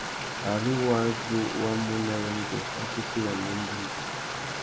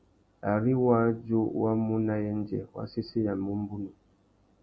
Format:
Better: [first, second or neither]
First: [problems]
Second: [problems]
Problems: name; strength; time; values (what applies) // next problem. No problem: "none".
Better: second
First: background sound (Stream); 3 dB below the speech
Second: none